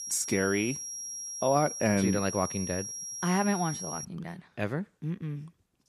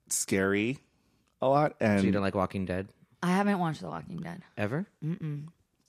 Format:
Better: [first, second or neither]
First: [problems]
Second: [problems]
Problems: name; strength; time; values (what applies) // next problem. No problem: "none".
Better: second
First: high-pitched whine; loud; until 4 s; 5.5 kHz, 6 dB below the speech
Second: none